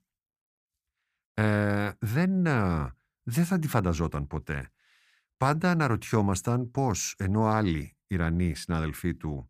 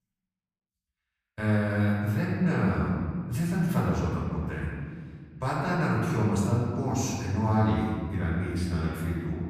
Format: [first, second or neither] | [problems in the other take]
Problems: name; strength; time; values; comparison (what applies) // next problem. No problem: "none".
first | room echo; noticeable; dies away in 2.1 s // off-mic speech; far